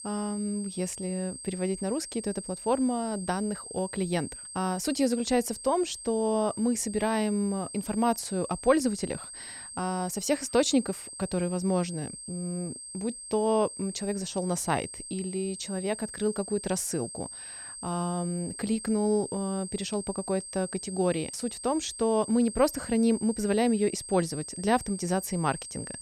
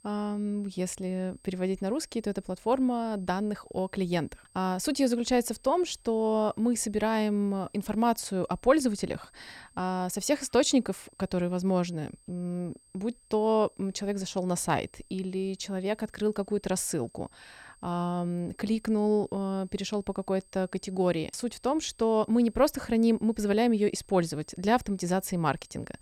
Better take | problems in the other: second | high-pitched whine; loud; throughout; 8.5 kHz, 10 dB below the speech; faint in the second

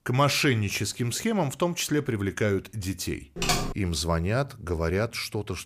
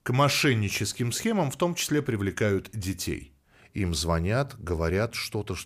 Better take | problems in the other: second | keyboard typing; loud; at 3.5 s; peak 1 dB above the speech

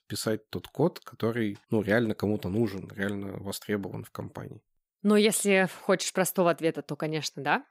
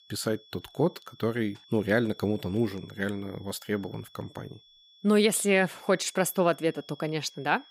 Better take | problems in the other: first | high-pitched whine; faint; throughout; 3.5 kHz, 25 dB below the speech

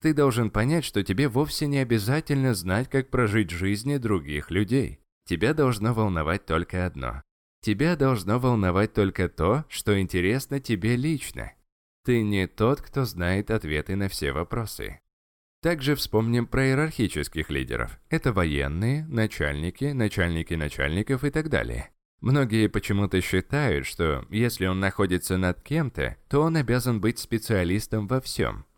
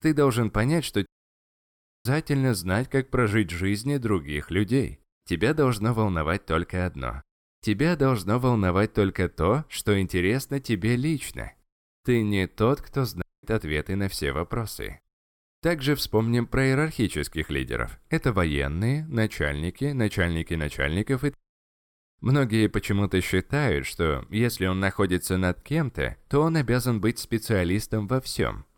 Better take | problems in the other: first | audio cutting out; at 1 s for 1 s, at 13 s and at 21 s for 1 s

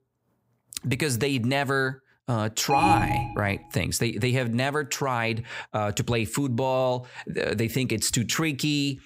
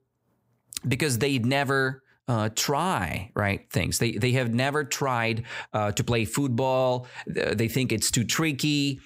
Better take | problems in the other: second | alarm; loud; at 2.5 s; peak 4 dB above the speech

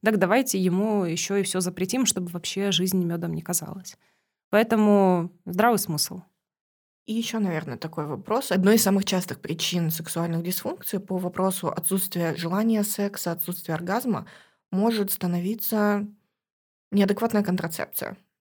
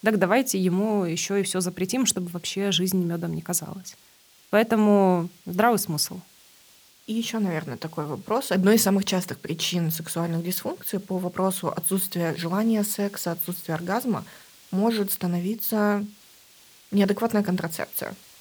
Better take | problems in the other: first | hiss; faint; throughout; 25 dB below the speech

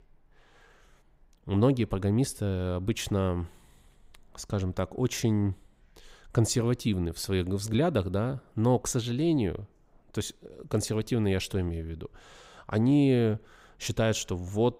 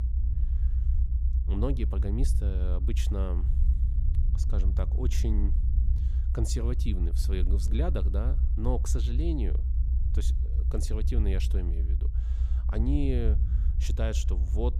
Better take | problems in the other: first | low rumble; loud; throughout; 8 dB below the speech

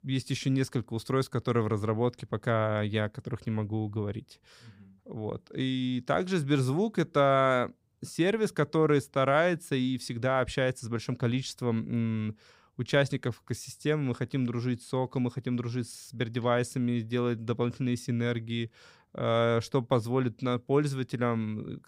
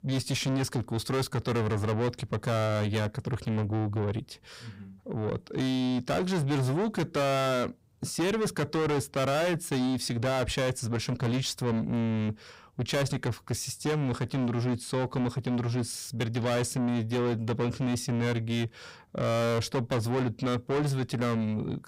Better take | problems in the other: first | distortion; heavy; 6 dB below the speech

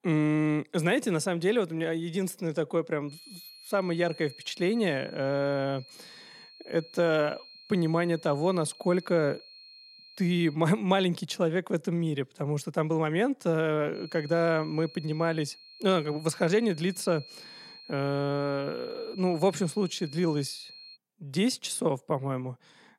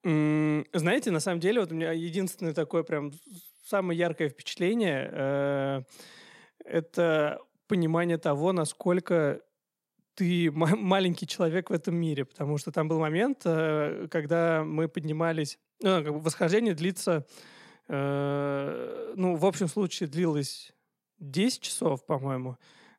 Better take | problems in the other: second | high-pitched whine; noticeable; from 3 to 11 s and from 14 to 21 s; 4.5 kHz, 20 dB below the speech

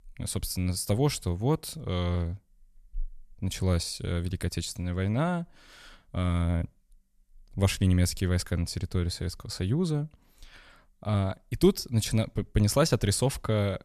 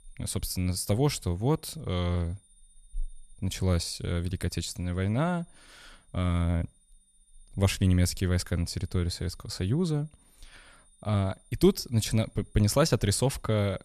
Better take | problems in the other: first | high-pitched whine; faint; throughout; 9.5 kHz, 30 dB below the speech

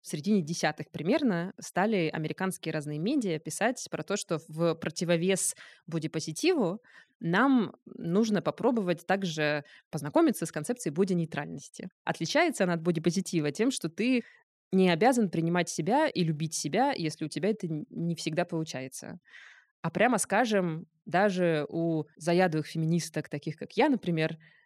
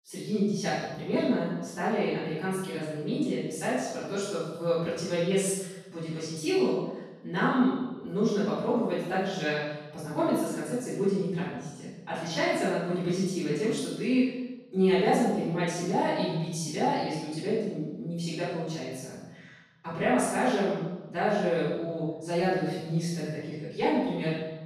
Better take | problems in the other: first | off-mic speech; far // room echo; strong; dies away in 1 s

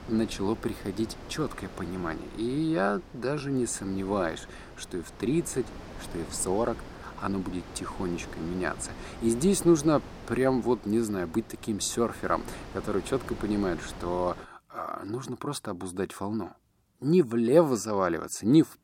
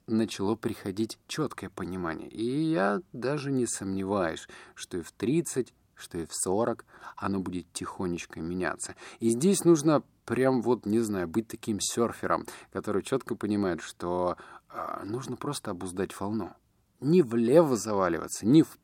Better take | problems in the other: second | wind noise on the microphone; occasional gusts; until 14 s; 15 dB below the speech

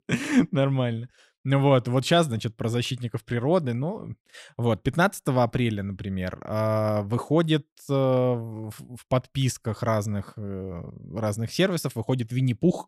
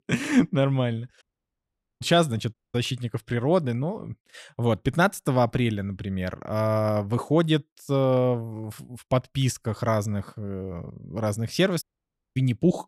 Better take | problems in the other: first | audio cutting out; at 1 s for 1 s, at 2.5 s and at 12 s for 0.5 s

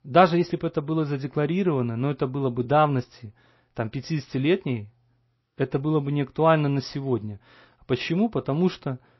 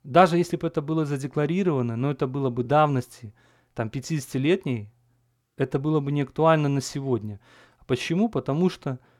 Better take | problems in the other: second | garbled, watery; slightly; nothing above 5.5 kHz

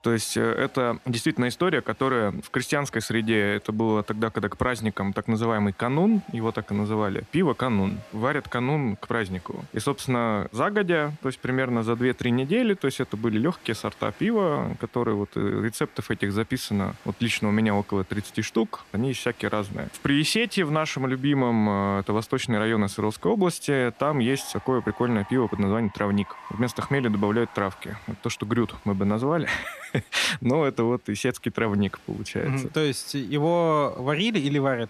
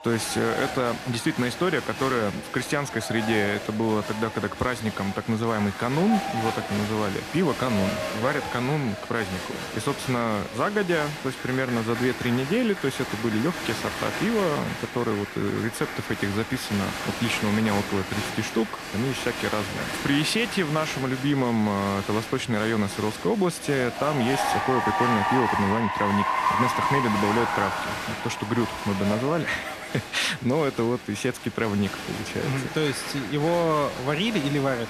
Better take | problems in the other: first | crowd noise; loud; throughout; 5 dB below the speech; faint in the first

